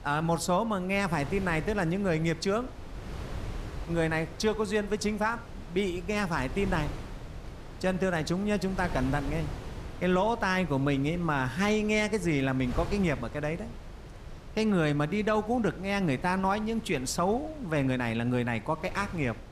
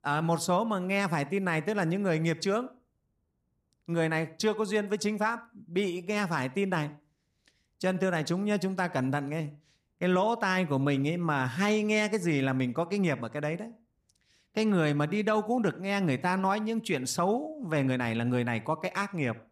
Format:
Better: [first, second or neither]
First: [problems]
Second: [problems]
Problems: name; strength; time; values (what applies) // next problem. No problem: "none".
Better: second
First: wind noise on the microphone; occasional gusts; 15 dB below the speech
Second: none